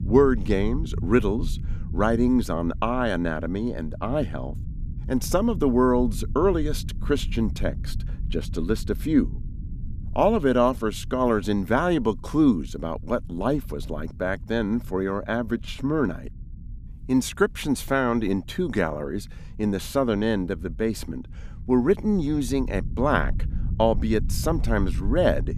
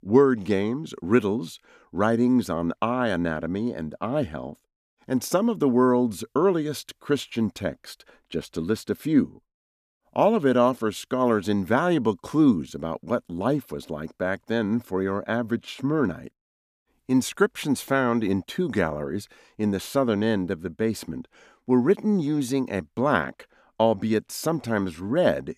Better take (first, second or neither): second